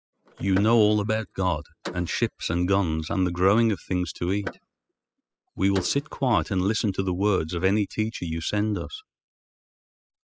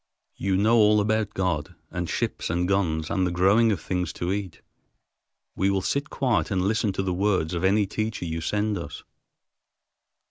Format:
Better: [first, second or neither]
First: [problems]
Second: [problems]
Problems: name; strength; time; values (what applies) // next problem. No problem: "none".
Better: second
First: noise reduction (classical method spectral subtraction)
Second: none